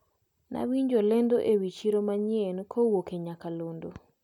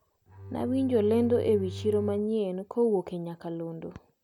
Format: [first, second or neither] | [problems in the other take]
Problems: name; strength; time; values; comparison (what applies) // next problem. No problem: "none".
first | background sound (Bowed string instrument); 11 dB below the speech